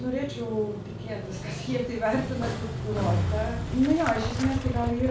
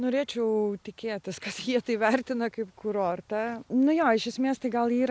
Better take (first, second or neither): second